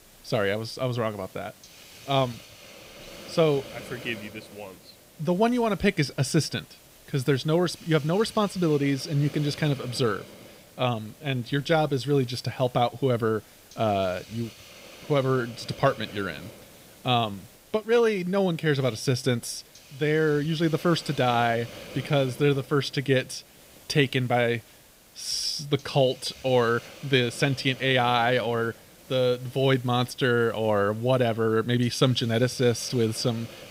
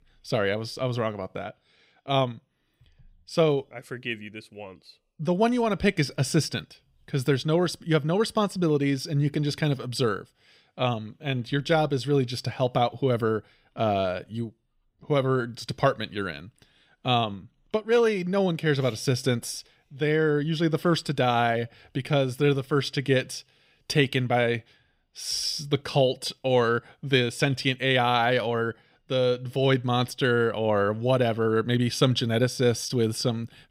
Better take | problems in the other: second | hiss; faint; throughout; 20 dB below the speech

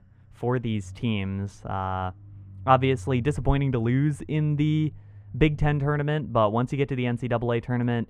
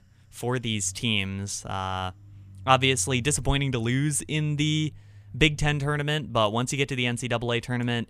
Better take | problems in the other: second | muffled; very; fading above 2.5 kHz

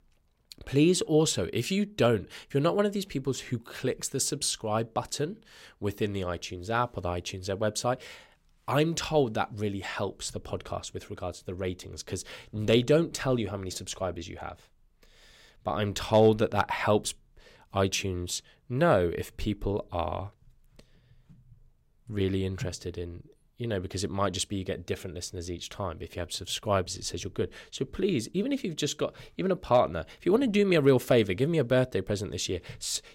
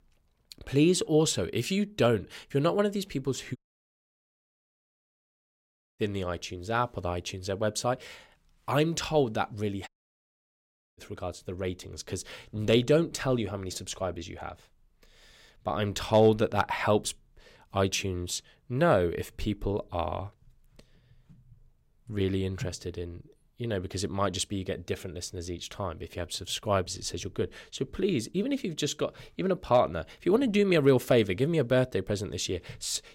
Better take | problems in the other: first | audio cutting out; at 3.5 s for 2.5 s and at 10 s for 1 s

